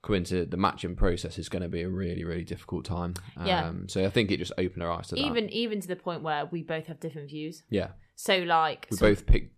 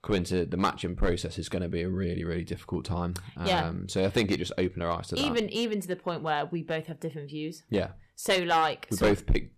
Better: first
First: none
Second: distortion; slight; 4% of the sound clipped

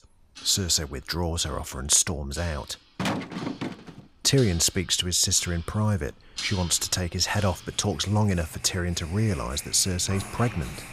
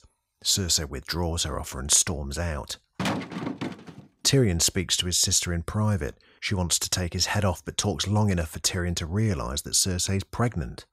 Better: second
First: household noises; noticeable; throughout; 15 dB below the speech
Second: none

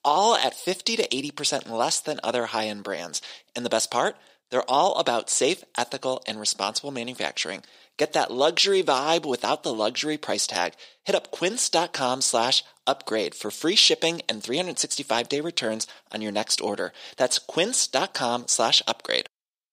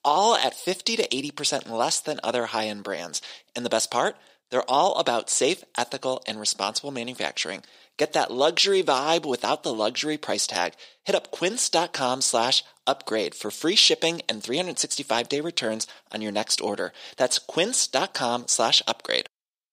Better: neither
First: thin; somewhat; fading below 450 Hz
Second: thin; somewhat; fading below 450 Hz

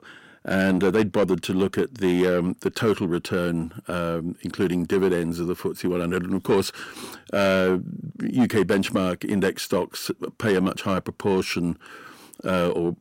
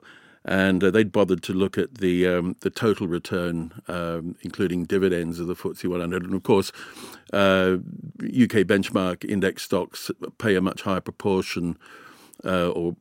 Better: second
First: distortion; slight; 10 dB below the speech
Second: none

